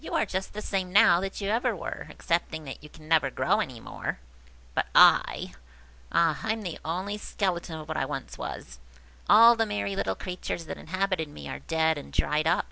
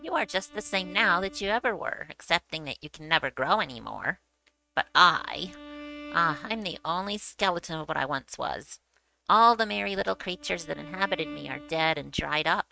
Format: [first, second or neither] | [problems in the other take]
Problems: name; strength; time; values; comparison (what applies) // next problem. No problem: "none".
first | noise reduction (neural mask model RNNoise)